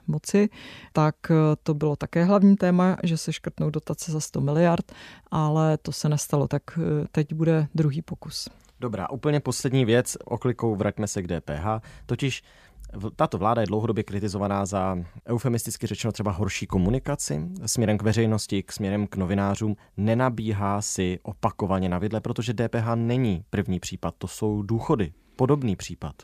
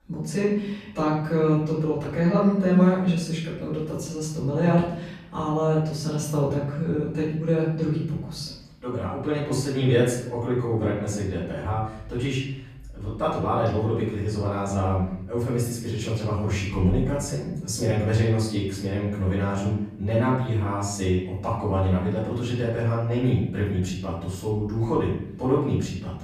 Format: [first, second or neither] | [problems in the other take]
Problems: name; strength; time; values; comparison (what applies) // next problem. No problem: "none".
first | off-mic speech; far // room echo; noticeable; dies away in 0.7 s